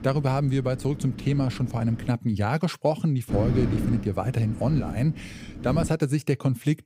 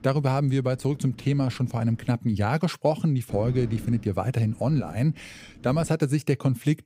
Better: second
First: wind noise on the microphone; heavy; until 2 s and from 3.5 to 6 s; 9 dB below the speech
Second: wind noise on the microphone; occasional gusts; until 2 s and from 3.5 to 6 s; 20 dB below the speech

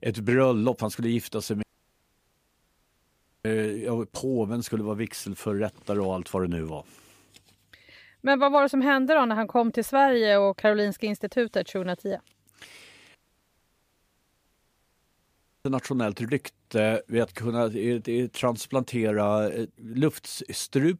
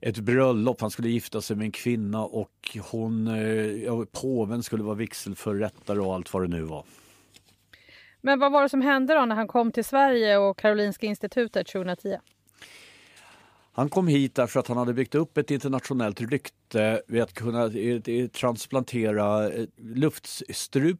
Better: second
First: audio cutting out; at 1.5 s for 2 s and at 13 s for 2.5 s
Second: none

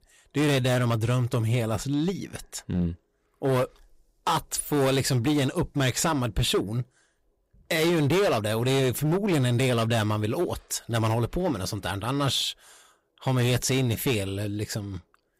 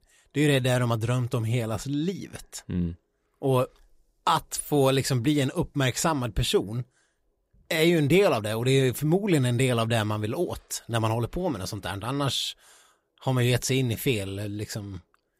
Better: second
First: distortion; slight; 12% of the sound clipped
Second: none

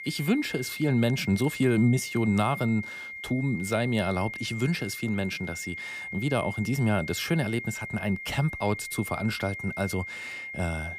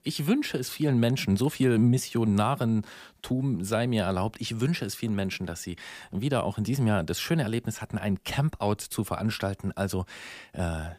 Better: second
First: high-pitched whine; loud; throughout; 2 kHz, 8 dB below the speech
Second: none

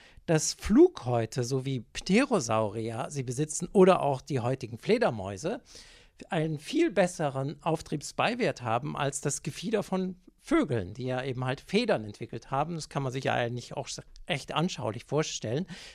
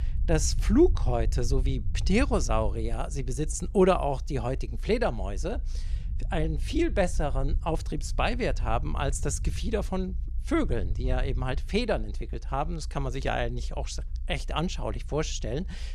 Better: first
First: none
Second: low rumble; faint; throughout; 25 dB below the speech

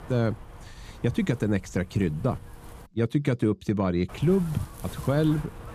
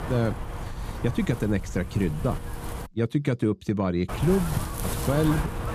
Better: first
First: wind noise on the microphone; occasional gusts; until 3 s and from 4 s on; 15 dB below the speech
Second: wind noise on the microphone; heavy; until 3 s and from 4 s on; 6 dB below the speech

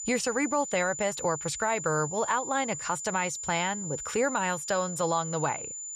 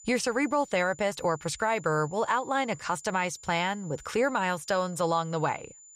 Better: second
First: high-pitched whine; loud; throughout; 7 kHz, 6 dB below the speech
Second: high-pitched whine; faint; throughout; 7 kHz, 20 dB below the speech

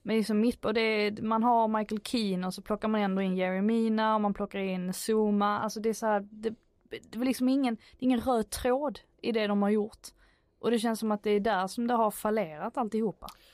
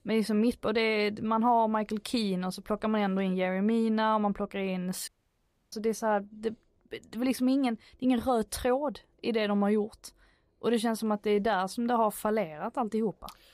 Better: first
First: none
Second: audio cutting out; at 5 s for 0.5 s

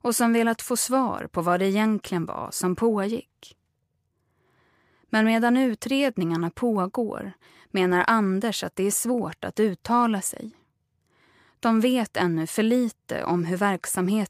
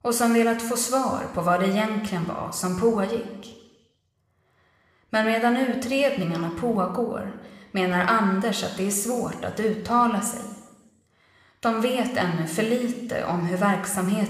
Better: first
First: none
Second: room echo; slight; dies away in 1.1 s

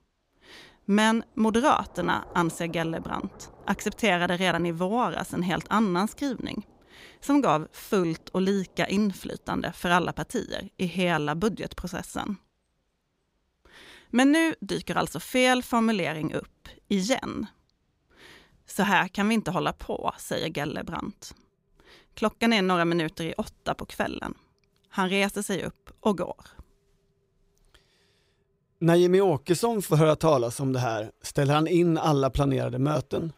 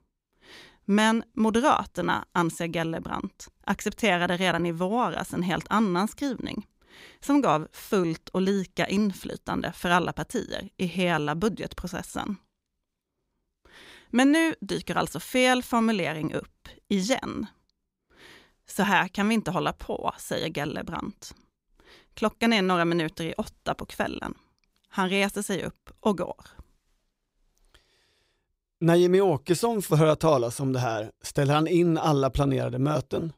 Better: second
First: rain or running water; faint; throughout; 25 dB below the speech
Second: none

